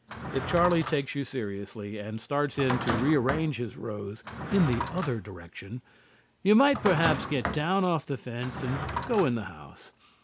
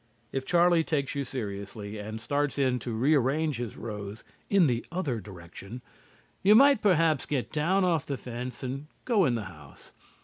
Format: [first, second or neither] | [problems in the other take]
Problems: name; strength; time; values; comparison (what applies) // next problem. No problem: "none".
second | background sound (Drawer open or close); 8 dB below the speech